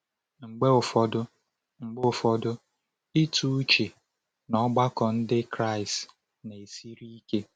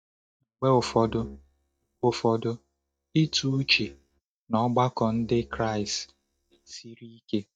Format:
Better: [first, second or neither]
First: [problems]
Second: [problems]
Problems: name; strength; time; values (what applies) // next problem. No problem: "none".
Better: first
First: none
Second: noise reduction (neural mask model DeepFilterNet 3)